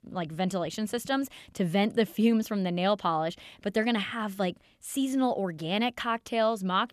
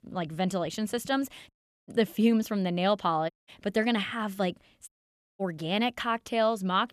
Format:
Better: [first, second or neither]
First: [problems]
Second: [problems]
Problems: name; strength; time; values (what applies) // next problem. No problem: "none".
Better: first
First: none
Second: audio cutting out; at 1.5 s, at 3.5 s and at 5 s for 0.5 s